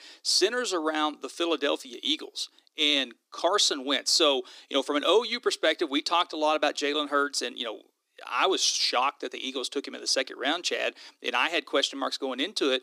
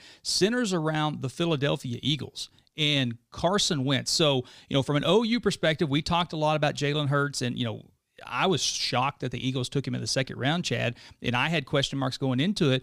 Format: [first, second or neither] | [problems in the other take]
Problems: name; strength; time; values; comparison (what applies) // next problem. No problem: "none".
second | thin; somewhat; fading below 300 Hz